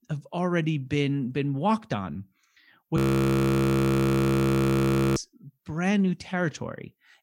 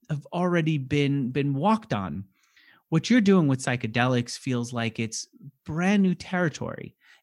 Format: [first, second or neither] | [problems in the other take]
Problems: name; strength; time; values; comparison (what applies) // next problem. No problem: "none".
second | audio freezing; at 3 s for 2 s